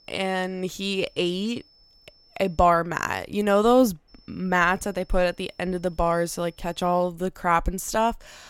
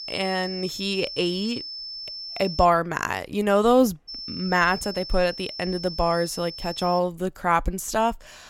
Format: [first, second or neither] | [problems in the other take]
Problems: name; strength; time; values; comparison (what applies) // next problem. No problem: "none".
first | high-pitched whine; loud; until 2.5 s and from 4 to 7 s; 5.5 kHz, 10 dB below the speech; faint in the first